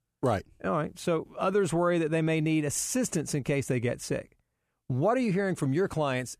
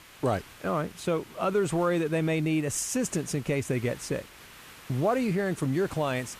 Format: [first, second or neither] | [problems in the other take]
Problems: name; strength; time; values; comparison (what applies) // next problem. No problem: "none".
first | hiss; noticeable; throughout; 20 dB below the speech